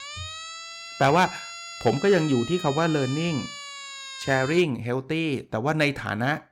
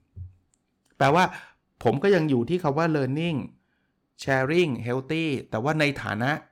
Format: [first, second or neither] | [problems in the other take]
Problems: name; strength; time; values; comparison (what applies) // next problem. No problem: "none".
second | siren; faint; until 4.5 s; peak 10 dB below the speech